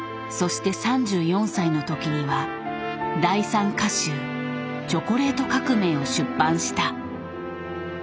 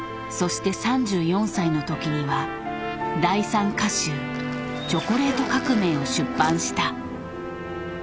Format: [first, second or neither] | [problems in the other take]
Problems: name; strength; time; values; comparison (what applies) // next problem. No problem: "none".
first | background sound (Zipper (clothing) + Bird); 16 dB below the speech